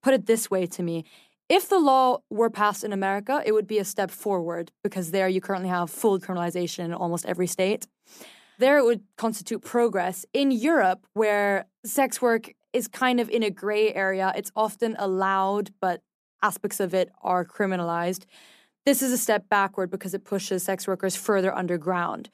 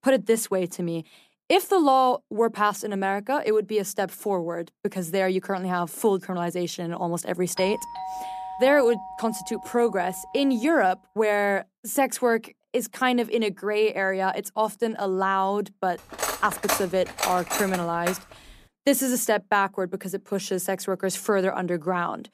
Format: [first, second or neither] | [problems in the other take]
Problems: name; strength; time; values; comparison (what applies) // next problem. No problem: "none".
first | doorbell; noticeable; from 7.5 to 11 s; peak 9 dB below the speech // clattering dishes; noticeable; from 16 to 18 s; peak 2 dB below the speech